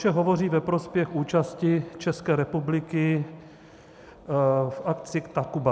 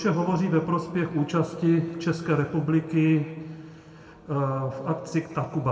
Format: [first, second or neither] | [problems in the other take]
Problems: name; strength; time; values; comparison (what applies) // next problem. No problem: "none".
first | room echo; dies away in 1.4 s